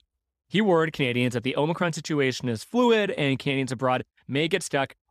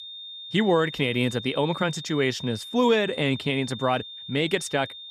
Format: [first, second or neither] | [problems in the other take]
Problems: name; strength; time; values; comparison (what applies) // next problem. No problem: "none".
first | high-pitched whine; noticeable; throughout; 3.5 kHz, 10 dB below the speech